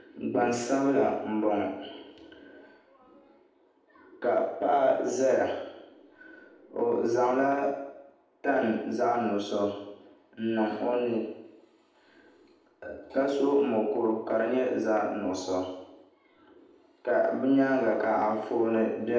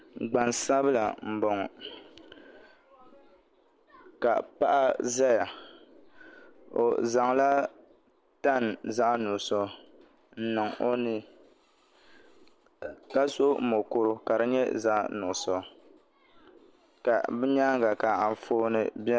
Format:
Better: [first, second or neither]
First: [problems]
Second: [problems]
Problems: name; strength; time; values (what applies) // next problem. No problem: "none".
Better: second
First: room echo; dies away in 0.8 s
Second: none